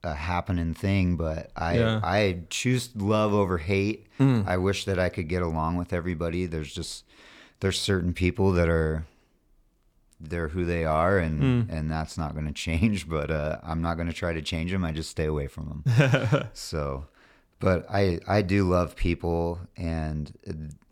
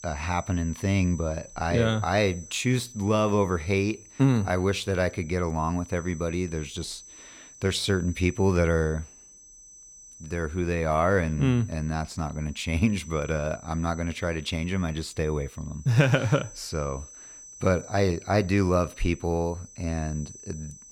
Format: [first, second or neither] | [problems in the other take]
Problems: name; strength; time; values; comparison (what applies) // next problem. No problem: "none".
first | high-pitched whine; noticeable; throughout; 6 kHz, 20 dB below the speech